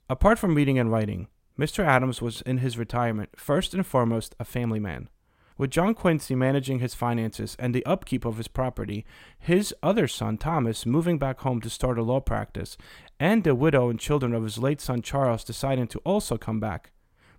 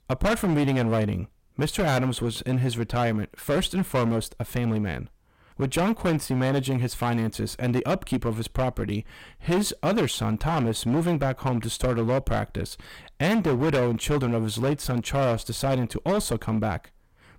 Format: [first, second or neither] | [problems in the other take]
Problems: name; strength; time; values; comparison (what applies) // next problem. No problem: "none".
first | distortion; heavy; 13% of the sound clipped